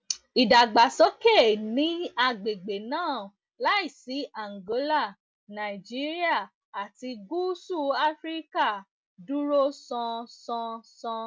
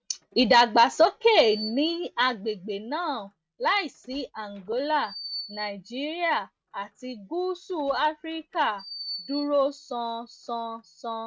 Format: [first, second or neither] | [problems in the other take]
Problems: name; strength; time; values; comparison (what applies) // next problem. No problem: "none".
first | noise reduction (neural mask model RNNoise)